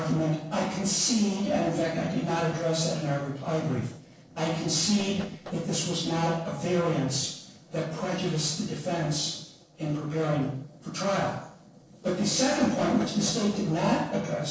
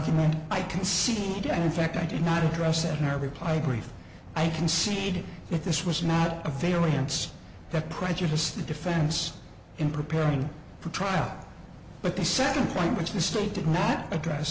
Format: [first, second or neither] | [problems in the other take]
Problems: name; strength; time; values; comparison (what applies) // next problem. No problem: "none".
second | noise reduction (neural separator model SepFormer DNS4)